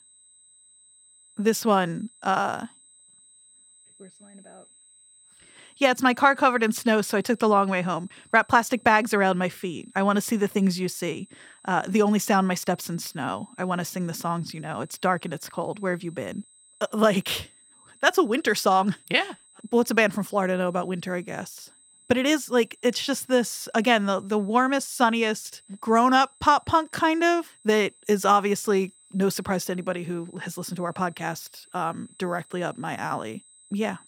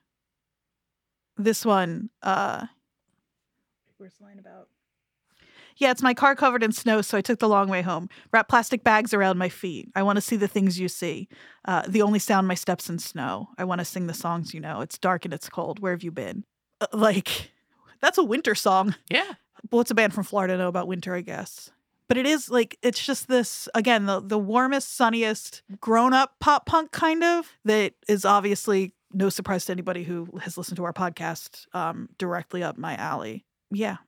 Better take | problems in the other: second | high-pitched whine; faint; throughout; 8 kHz, 30 dB below the speech

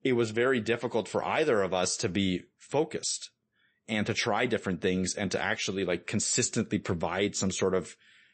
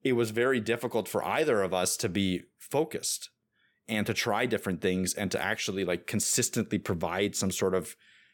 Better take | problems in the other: second | garbled, watery; slightly; nothing above 8 kHz

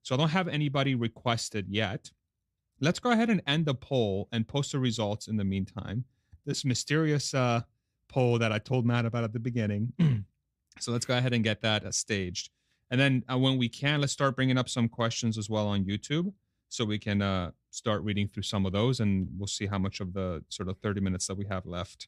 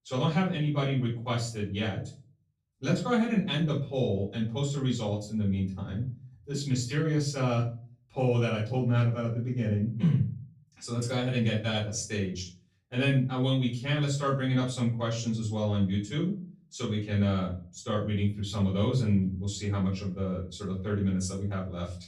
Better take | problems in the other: first | room echo; slight; dies away in 0.4 s // off-mic speech; far

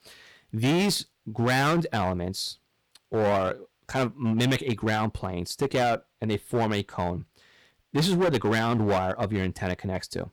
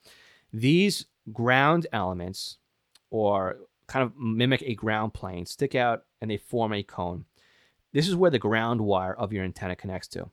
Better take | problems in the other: second | distortion; heavy; 11% of the sound clipped

